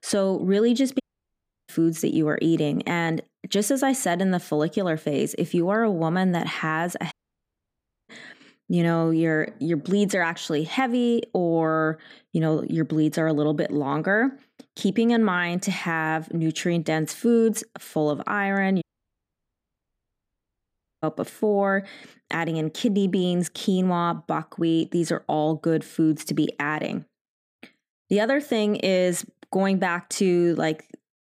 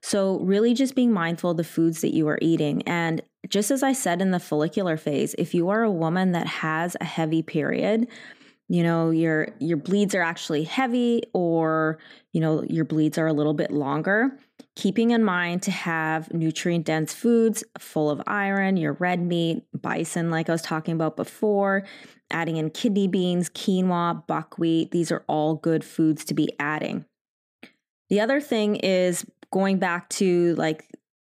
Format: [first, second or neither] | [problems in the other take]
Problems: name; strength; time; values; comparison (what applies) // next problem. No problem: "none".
second | audio cutting out; at 1 s for 0.5 s, at 7 s for 1 s and at 19 s for 2 s